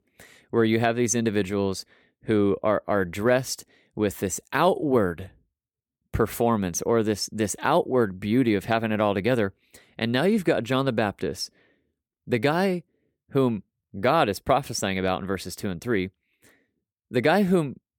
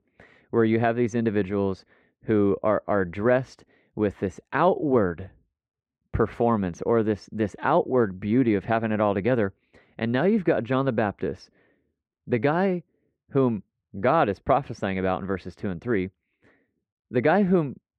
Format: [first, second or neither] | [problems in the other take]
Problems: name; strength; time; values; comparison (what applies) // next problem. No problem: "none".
first | muffled; very; fading above 2 kHz